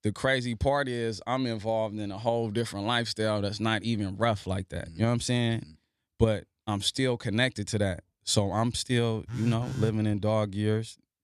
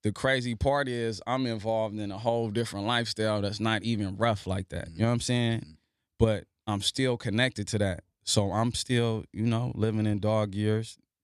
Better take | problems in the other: second | phone ringing; noticeable; at 9.5 s; peak 5 dB below the speech

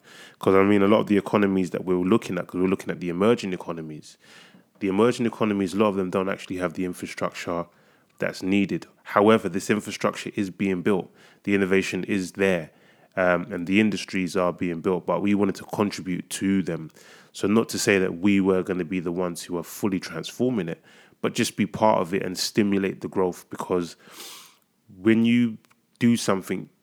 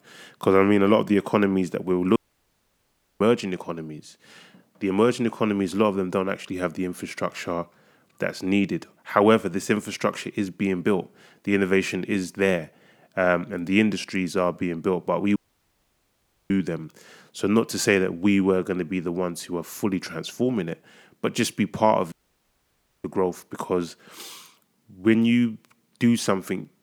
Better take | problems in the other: first | audio cutting out; at 2 s for 1 s, at 15 s for 1 s and at 22 s for 1 s

